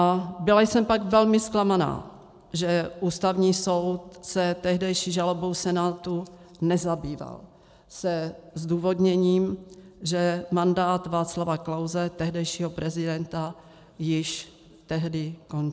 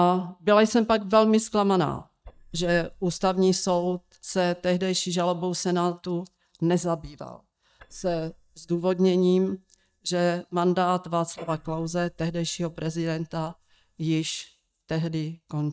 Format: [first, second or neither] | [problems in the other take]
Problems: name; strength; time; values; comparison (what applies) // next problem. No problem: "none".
first | noise reduction (neural mask model DeepFilterNet 3)